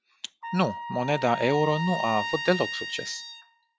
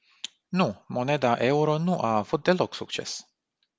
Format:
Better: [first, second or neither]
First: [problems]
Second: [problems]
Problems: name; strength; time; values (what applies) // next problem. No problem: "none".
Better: second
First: noise reduction (classical method log-MMSE)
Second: none